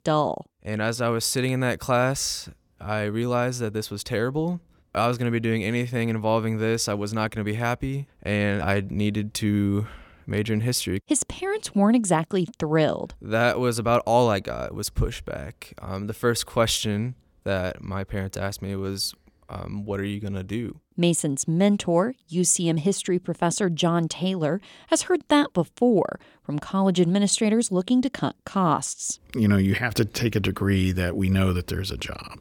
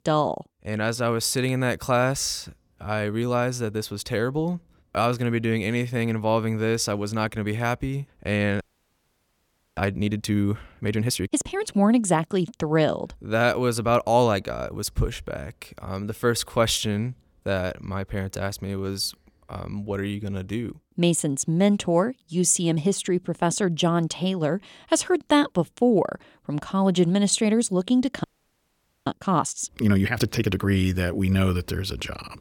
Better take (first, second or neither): first